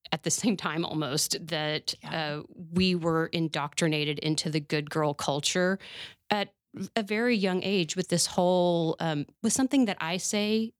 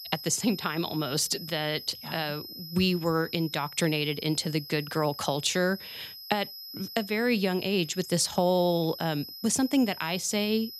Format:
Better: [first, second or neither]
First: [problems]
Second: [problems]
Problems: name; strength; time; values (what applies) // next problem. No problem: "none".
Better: first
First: none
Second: high-pitched whine; noticeable; throughout; 5 kHz, 10 dB below the speech